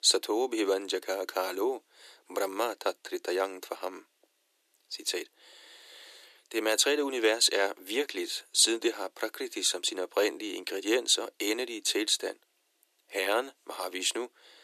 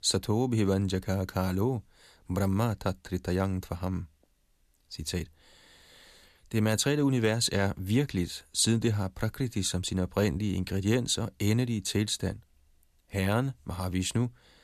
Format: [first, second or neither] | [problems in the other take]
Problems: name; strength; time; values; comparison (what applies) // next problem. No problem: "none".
second | thin; very; fading below 300 Hz